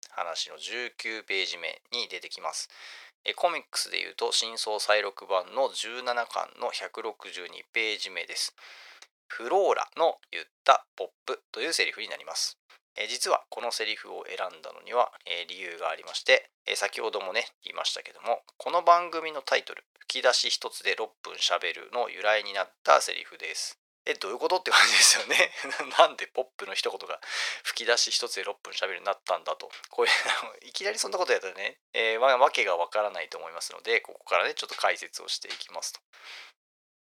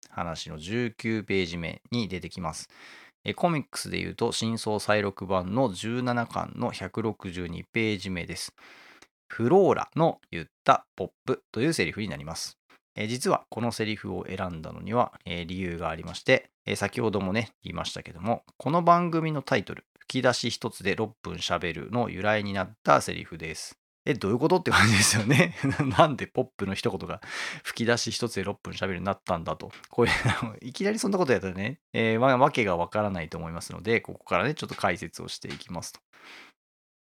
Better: second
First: thin; very; fading below 500 Hz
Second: none

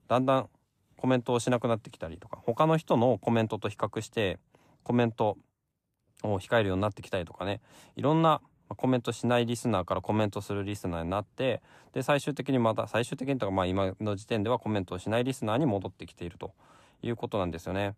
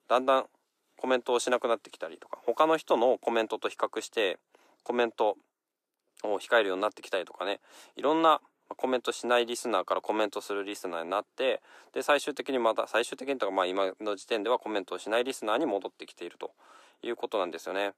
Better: first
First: none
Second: thin; somewhat; fading below 350 Hz

